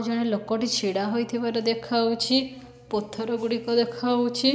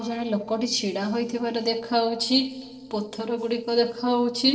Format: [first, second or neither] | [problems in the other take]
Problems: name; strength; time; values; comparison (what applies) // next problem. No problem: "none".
first | noise reduction (neural separator model SepFormer DNS4)